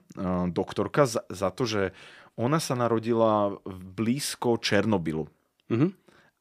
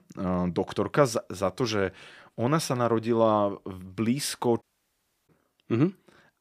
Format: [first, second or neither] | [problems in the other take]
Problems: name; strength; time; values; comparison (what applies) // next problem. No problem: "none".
first | audio cutting out; at 4.5 s for 0.5 s